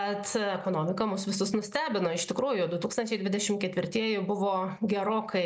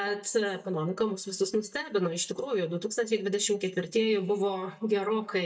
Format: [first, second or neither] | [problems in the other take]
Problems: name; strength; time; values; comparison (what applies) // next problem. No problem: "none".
first | noise reduction (neural mask model DeepFilterNet 3)